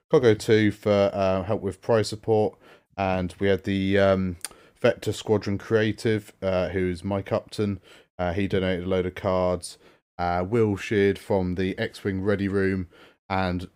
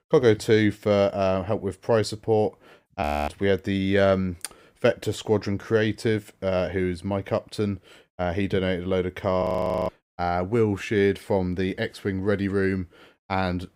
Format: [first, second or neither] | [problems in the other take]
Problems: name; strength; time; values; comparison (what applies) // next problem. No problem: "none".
first | audio freezing; at 3 s and at 9.5 s